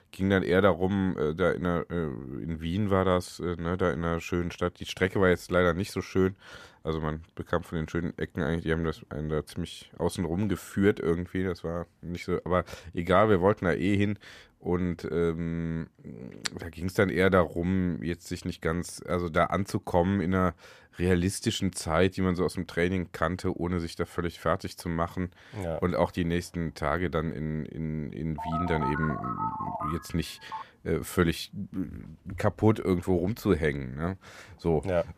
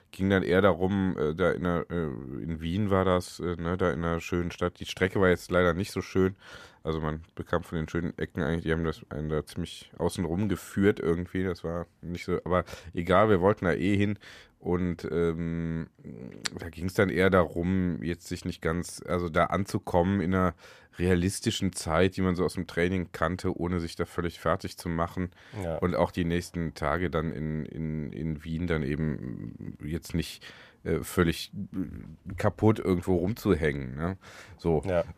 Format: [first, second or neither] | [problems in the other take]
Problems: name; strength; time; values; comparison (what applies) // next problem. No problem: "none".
second | phone ringing; noticeable; from 28 to 31 s; peak 3 dB below the speech